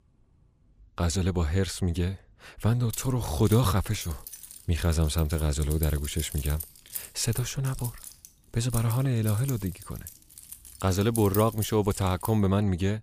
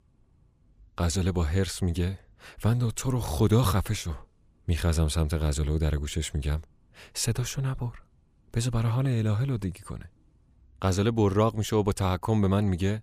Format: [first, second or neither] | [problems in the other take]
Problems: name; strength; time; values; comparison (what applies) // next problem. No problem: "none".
second | jangling keys; noticeable; from 3 to 12 s; peak 7 dB below the speech